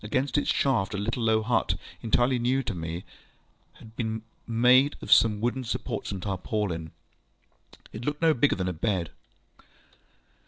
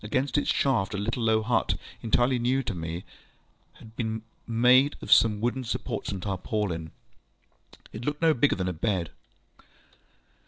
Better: first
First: none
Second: background sound (Raindrop / Drip); 18 dB below the speech

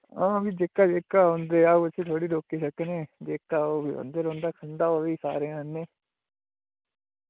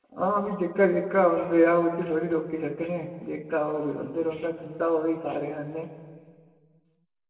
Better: first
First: none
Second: room echo; dies away in 2.3 s

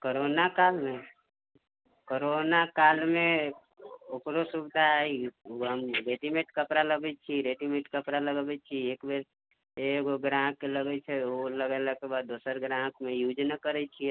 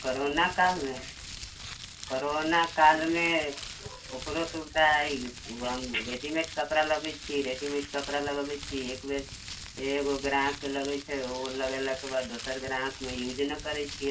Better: first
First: none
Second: background sound (Crumpling, crinkling); 12 dB below the speech // room echo; dies away in 0.2 s

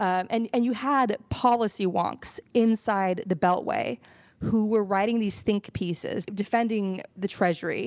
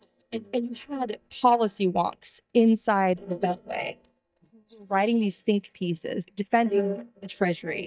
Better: first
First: none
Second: noise reduction (neural mask model DeepFilterNet 3)

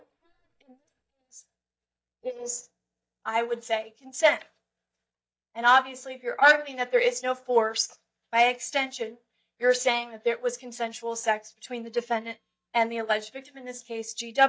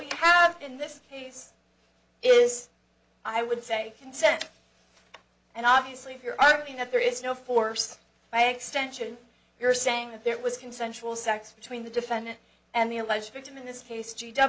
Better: second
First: noise reduction (neural mask model DeepFilterNet 3)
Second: none

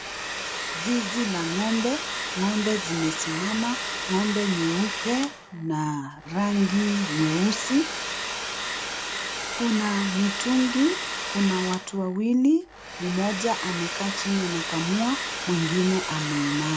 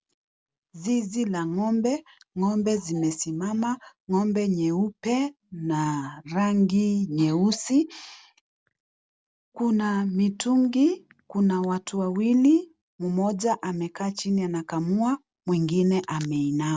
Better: second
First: background sound (Domestic sounds, home sounds); 5 dB below the speech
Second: none

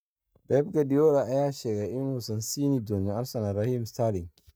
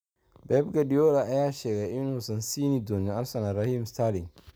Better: second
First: noise reduction (neural mask model DeepFilterNet 3)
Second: none

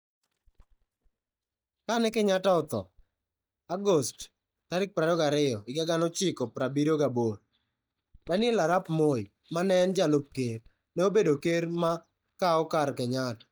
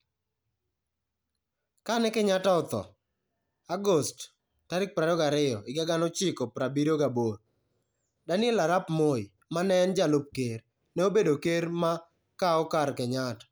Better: second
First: noise reduction (neural mask model DeepFilterNet 3)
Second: none

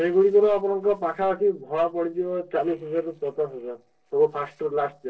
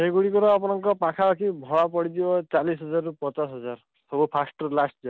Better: second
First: noise reduction (neural separator model SepFormer DNS4)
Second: none

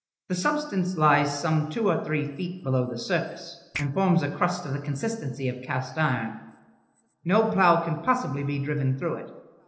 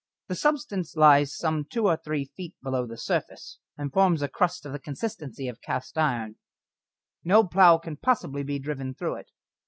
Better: second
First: noise reduction (neural separator model SepFormer DNS4)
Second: none

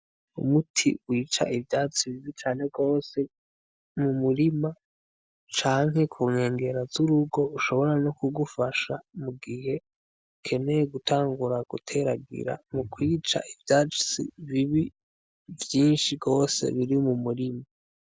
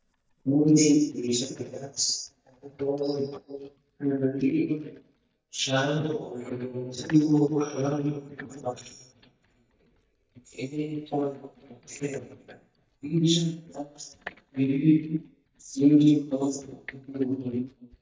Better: first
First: none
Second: noise reduction (neural mask model DeepFilterNet 3)

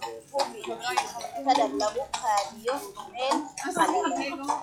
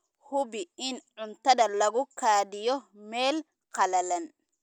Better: second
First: noise reduction (classical method log-MMSE)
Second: none

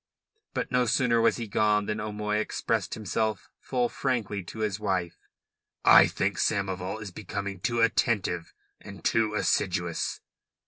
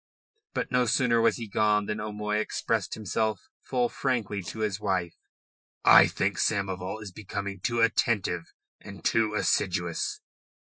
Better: first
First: none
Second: noise reduction (classical method Wiener filter)

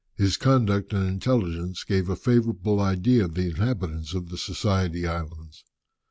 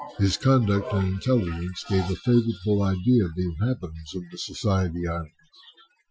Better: first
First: none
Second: noise reduction (classical method Wiener filter)

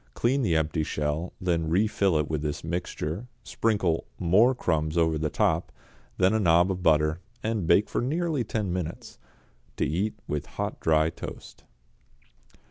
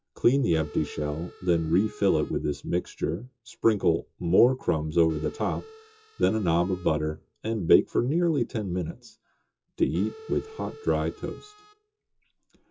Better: first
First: none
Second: noise reduction (classical method WPE with log-MMSE)

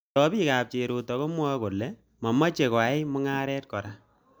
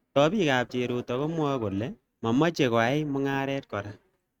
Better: first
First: none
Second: noise reduction (neural mask model RNNoise)

